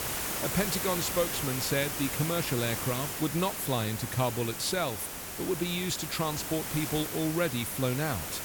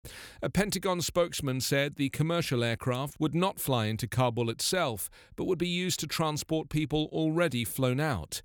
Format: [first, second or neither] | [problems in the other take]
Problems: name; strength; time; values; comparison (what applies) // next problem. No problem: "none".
second | hiss; loud; throughout; 2 dB below the speech